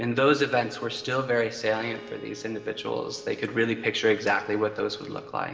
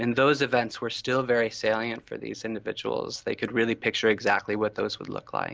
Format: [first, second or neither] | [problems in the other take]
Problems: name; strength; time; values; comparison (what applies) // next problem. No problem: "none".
second | background sound (Bowed string instrument); 19 dB below the speech // room echo; dies away in 1.7 s